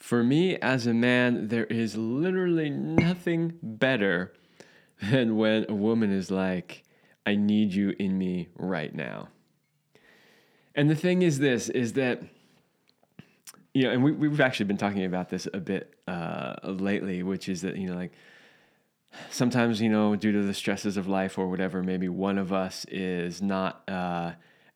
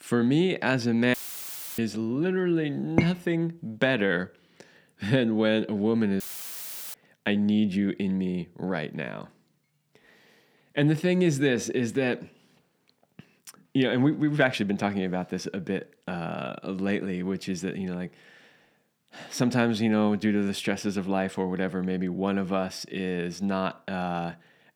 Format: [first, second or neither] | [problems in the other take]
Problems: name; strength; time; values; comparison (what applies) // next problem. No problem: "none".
first | audio cutting out; filled with static; at 1 s for 0.5 s and at 6 s for 0.5 s